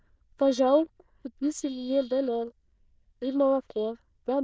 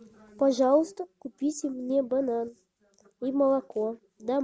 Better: second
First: noise reduction (neural diffusion model UNIVERSE++)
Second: none

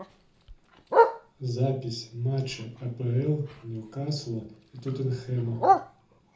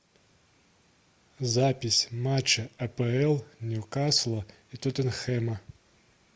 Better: second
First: background sound (Bark); 1 dB above the speech // room echo; dies away in 0.5 s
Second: none

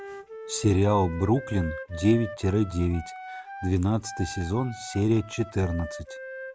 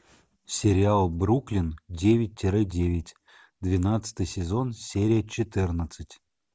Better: second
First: background sound (Wind instrument, woodwind instrument); 14 dB below the speech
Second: none

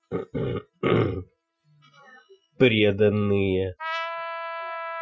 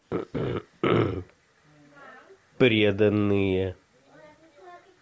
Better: second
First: noise reduction (classical method Wiener filter)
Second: none

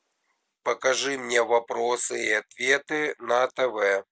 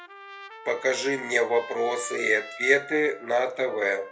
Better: first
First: none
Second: background sound (Trumpet); 16 dB below the speech // room echo; dies away in 0.3 s

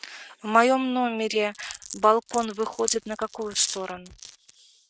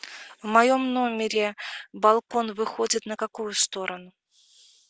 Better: second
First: noise reduction (neural mask model RNNoise)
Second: none

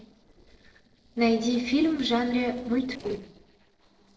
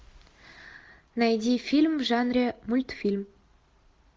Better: second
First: noise reduction (neural separator model SepFormer DNS4)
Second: none

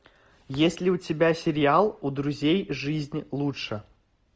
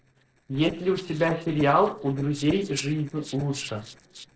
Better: first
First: none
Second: noise reduction (neural separator model SepFormer DNS4)

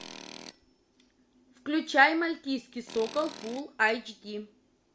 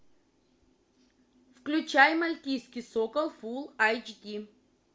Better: second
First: background sound (Tools); 19 dB below the speech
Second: none

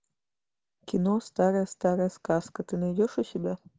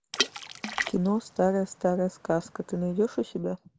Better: first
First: none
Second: background sound (Water / Splash, splatter); 8 dB below the speech

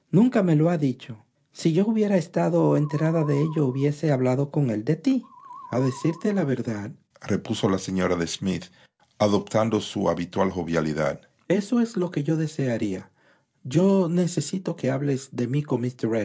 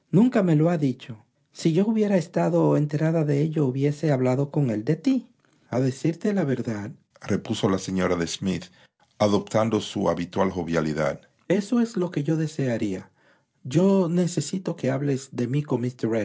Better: second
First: background sound (Musical instrument); 19 dB below the speech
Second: none

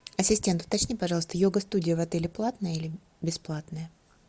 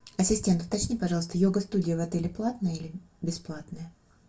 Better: first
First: none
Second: room echo; dies away in 0.2 s

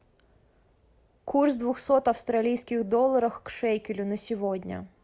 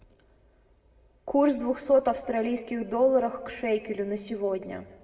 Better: first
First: none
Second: room echo; dies away in 1.1 s

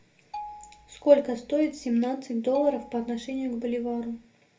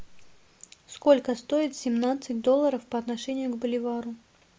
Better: second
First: background sound (Marimba, xylophone); 17 dB below the speech // room echo; dies away in 0.3 s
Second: none

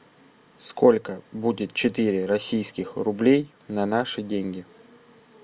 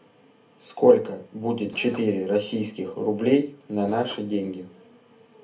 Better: first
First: none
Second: background sound (Drill); 20 dB below the speech // room echo; dies away in 0.3 s

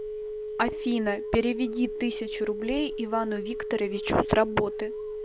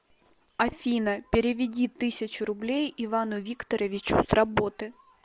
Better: second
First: background sound (Telephone); 6 dB below the speech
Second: none

